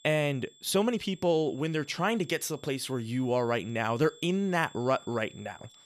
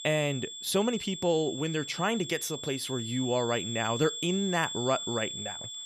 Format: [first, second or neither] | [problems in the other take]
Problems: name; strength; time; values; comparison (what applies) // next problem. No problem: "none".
first | high-pitched whine; loud; throughout; 3.5 kHz, 6 dB below the speech; faint in the first